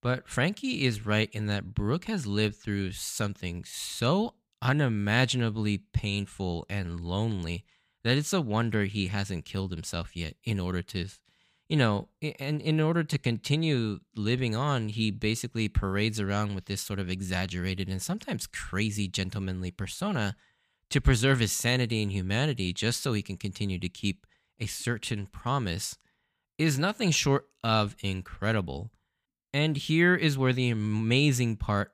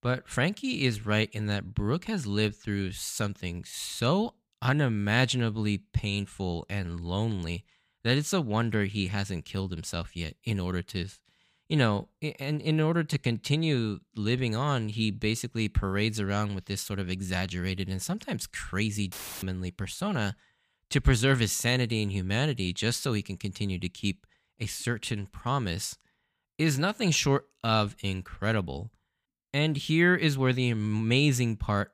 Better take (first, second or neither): first